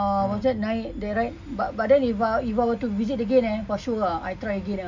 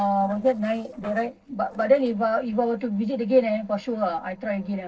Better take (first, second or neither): first